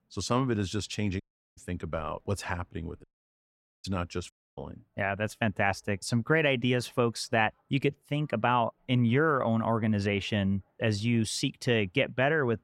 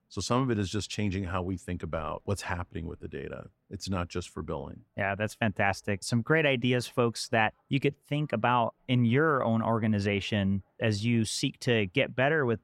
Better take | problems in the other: second | audio cutting out; at 1 s, at 3 s for 1 s and at 4.5 s

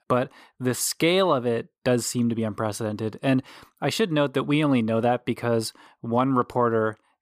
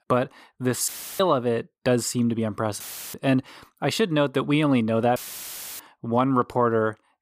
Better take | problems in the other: first | audio cutting out; filled with static; at 1 s, at 3 s and at 5 s for 0.5 s

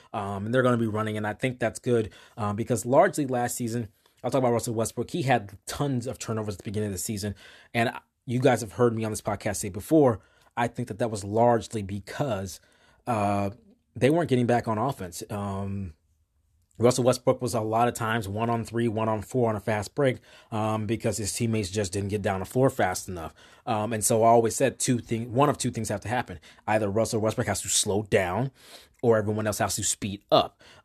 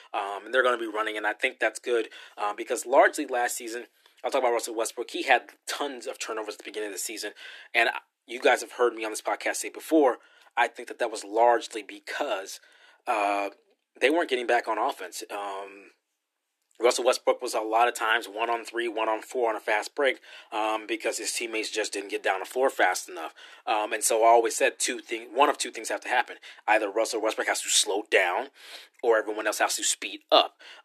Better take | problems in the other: first | thin; very; fading below 300 Hz

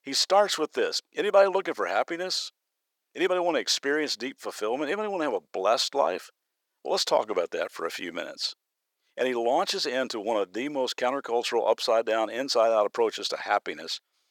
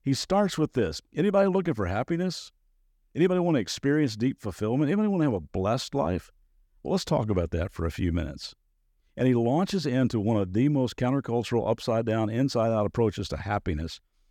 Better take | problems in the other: second | thin; very; fading below 500 Hz

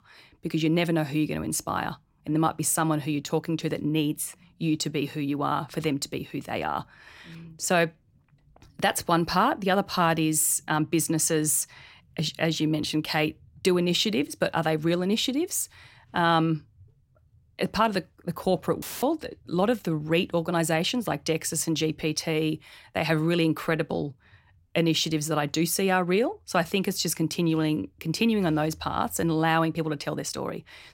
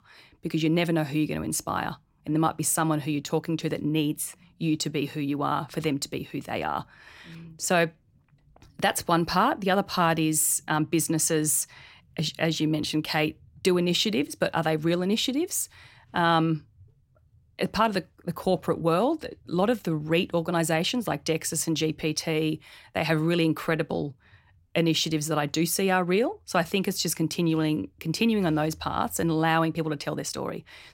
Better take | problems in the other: second | audio cutting out; filled with static; at 19 s

